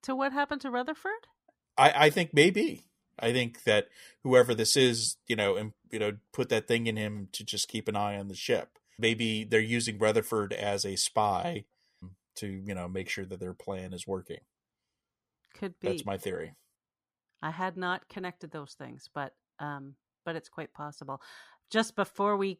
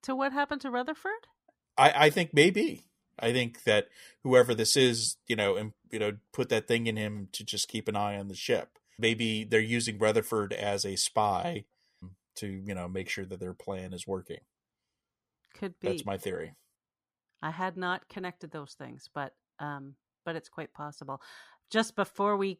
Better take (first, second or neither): neither